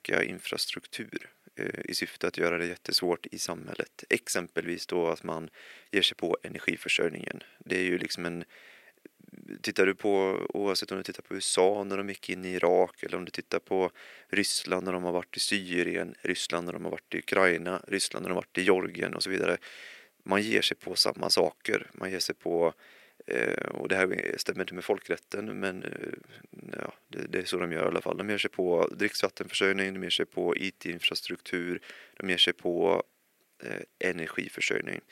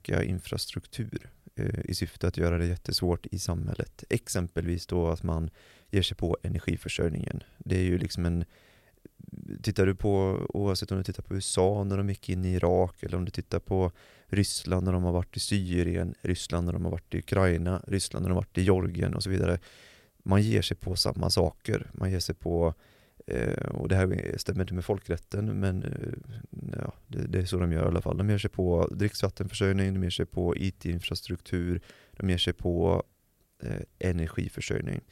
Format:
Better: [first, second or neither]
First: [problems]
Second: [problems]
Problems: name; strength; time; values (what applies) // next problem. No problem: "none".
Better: second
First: thin; somewhat; fading below 250 Hz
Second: none